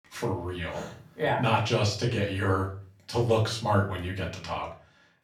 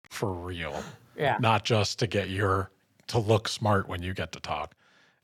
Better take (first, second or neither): second